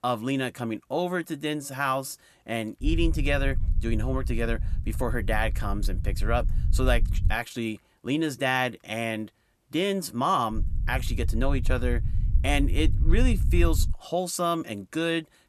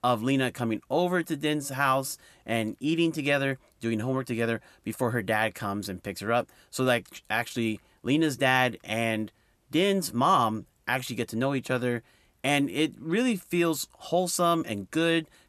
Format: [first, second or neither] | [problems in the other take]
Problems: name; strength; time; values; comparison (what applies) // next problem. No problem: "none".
second | low rumble; noticeable; from 3 to 7.5 s and from 11 to 14 s; 20 dB below the speech